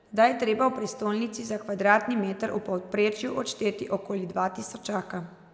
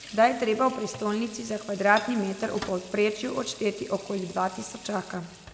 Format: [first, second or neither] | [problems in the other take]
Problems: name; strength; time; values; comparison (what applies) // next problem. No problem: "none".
first | background sound (Sink (filling or washing) / Water tap, faucet); 17 dB below the speech